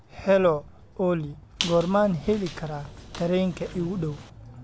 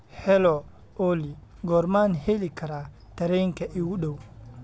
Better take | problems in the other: second | background sound (Squeak); 13 dB below the speech

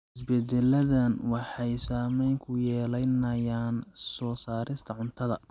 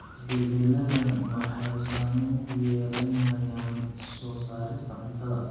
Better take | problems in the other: first | background sound (Walk, footsteps); 14 dB below the speech // room echo; dies away in 1.3 s

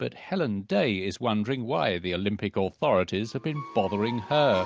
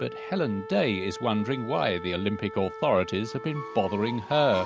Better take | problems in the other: first | background sound (Wind instrument, woodwind instrument); 13 dB below the speech

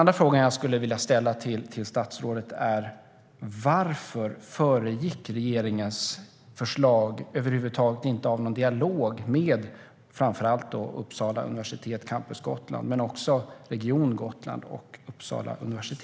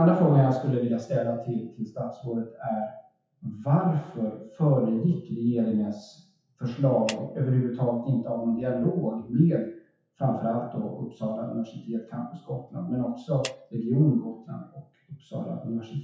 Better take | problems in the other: first | noise reduction (classical method WPE with log-MMSE)

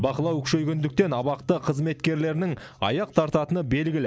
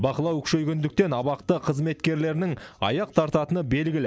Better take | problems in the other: second | background sound (Keyboard (musical)); 17 dB below the speech

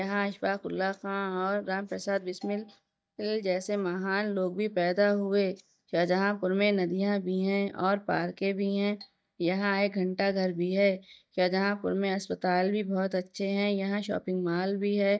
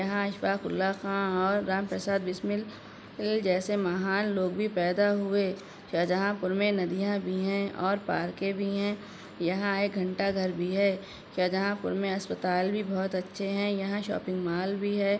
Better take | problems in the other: second | noise reduction (neural mask model DeepFilterNet 3)

